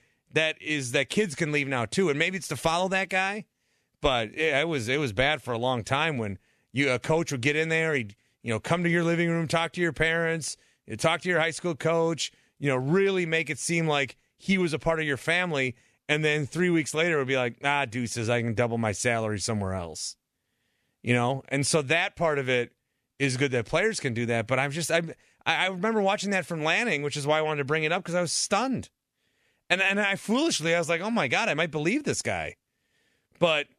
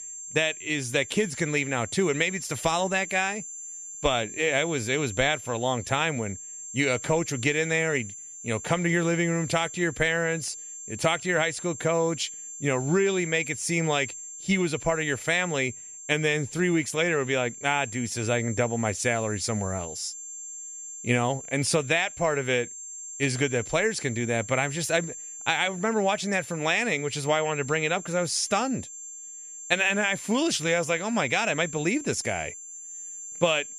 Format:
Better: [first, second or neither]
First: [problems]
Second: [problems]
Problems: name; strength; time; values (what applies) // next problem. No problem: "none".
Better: first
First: none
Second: high-pitched whine; noticeable; throughout; 7.5 kHz, 10 dB below the speech